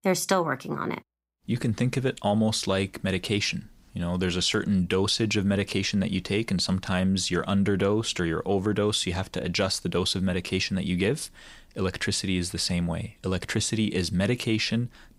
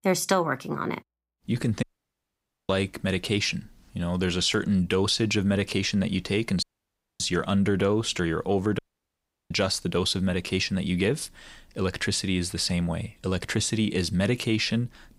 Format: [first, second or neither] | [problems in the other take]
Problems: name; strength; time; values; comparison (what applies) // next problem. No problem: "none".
first | audio cutting out; at 2 s for 1 s, at 6.5 s for 0.5 s and at 9 s for 0.5 s